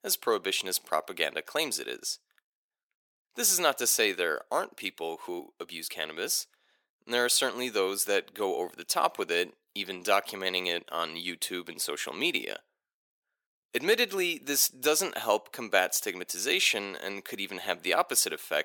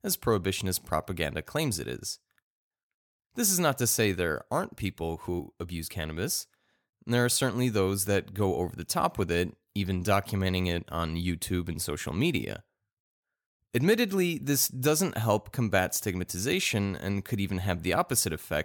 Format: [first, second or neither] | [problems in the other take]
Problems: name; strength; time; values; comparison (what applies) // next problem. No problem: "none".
second | thin; very; fading below 350 Hz